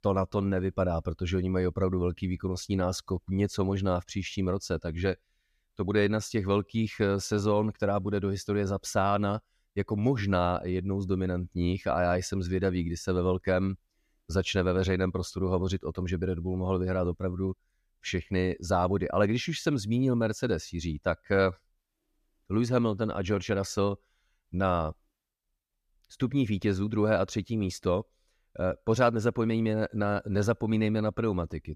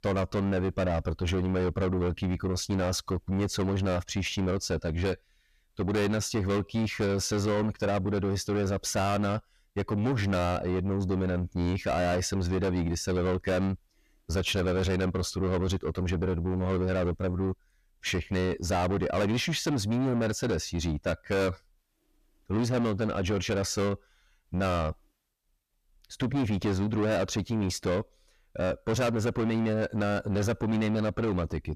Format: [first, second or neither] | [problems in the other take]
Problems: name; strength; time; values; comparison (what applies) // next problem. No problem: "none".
first | distortion; heavy; 7 dB below the speech